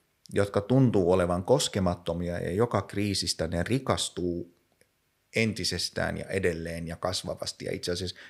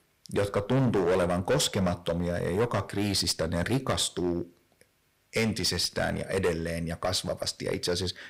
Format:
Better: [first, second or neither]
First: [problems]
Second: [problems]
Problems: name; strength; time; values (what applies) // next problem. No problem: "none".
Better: first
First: none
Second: distortion; heavy; 9% of the sound clipped